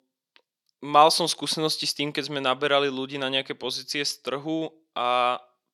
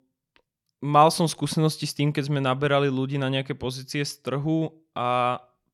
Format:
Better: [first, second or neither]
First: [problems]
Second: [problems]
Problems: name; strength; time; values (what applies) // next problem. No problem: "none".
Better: second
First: thin; somewhat; fading below 350 Hz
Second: none